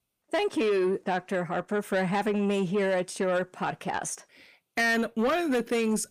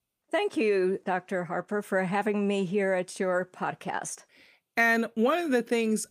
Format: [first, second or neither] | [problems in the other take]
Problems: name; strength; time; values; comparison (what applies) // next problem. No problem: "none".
second | distortion; slight; 10 dB below the speech